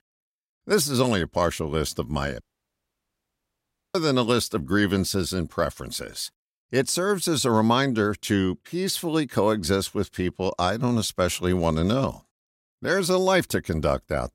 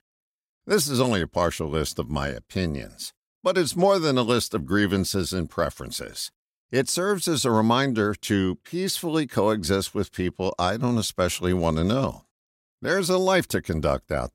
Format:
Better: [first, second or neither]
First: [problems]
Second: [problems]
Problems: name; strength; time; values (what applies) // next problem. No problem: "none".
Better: second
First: audio cutting out; at 2.5 s for 1.5 s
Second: none